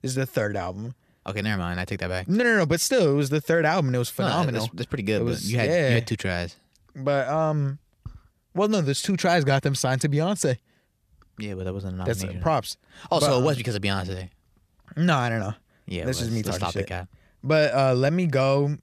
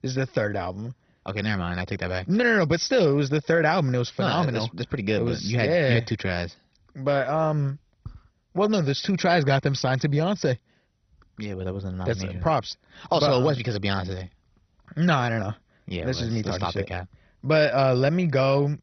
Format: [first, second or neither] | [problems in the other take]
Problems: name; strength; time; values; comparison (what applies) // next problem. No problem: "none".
first | garbled, watery; badly; nothing above 6 kHz